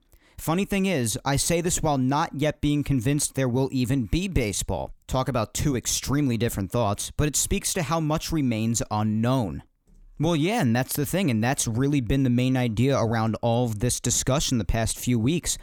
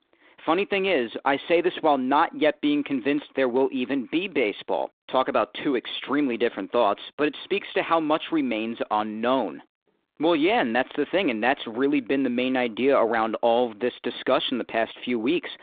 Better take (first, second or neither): first